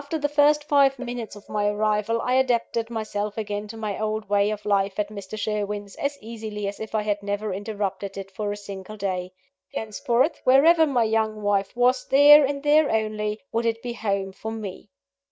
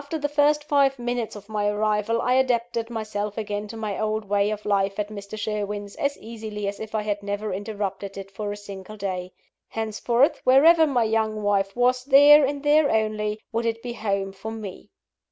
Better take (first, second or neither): second